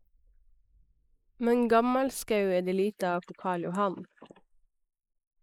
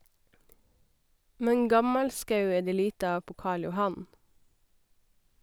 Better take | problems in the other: second | noise reduction (neural mask model Resemble Enhance denoiser)

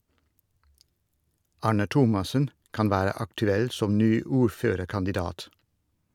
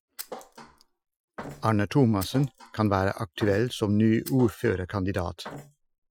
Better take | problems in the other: first | noise reduction (classical method Wiener filter)

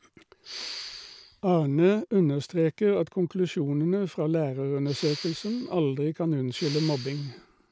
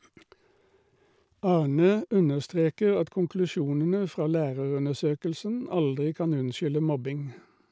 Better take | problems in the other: second | background sound (Respiratory sounds); 14 dB below the speech

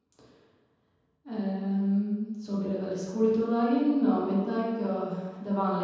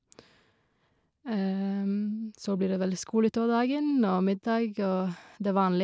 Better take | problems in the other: second | room echo; dies away in 1.2 s

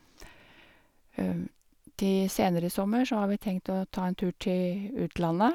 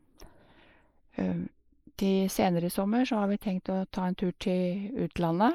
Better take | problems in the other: first | noise reduction (neural mask model Resemble Enhance denoiser)

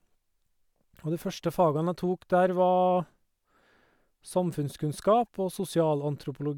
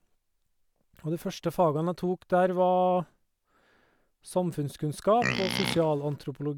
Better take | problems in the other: first | background sound (Livestock, farm animals, working animals); 3 dB below the speech

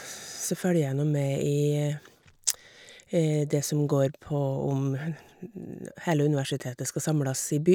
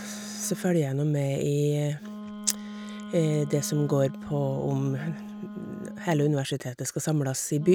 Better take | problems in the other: first | background sound (Wind instrument, woodwind instrument); 13 dB below the speech

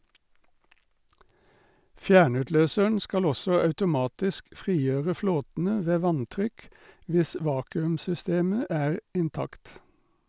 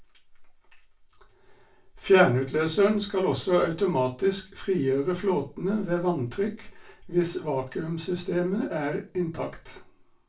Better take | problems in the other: first | room echo; dies away in 0.3 s

